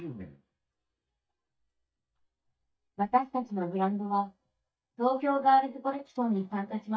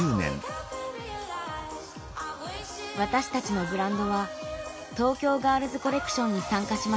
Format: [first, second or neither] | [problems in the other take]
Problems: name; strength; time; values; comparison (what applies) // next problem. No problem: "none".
second | noise reduction (neural mask model DeepFilterNet 3)